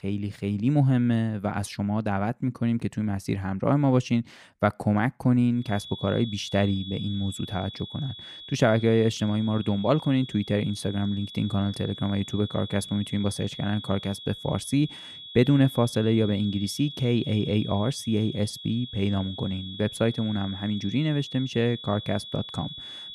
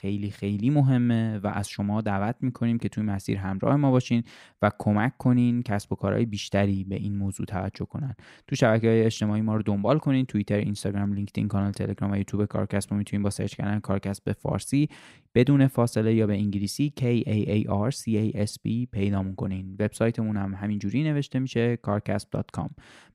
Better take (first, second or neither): second